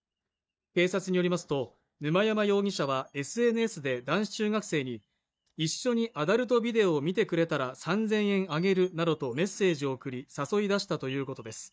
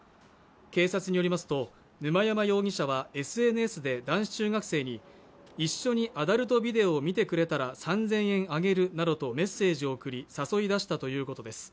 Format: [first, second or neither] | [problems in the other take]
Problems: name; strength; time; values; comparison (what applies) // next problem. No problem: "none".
second | noise reduction (neural mask model DeepFilterNet 3)